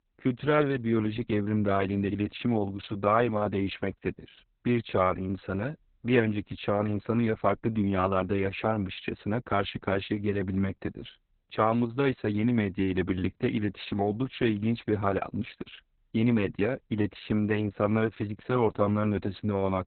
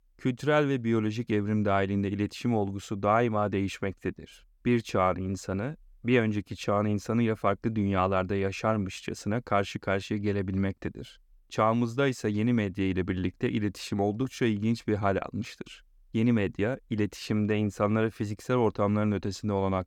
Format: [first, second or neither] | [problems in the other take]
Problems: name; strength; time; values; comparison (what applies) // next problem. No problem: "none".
second | garbled, watery; badly; nothing above 4 kHz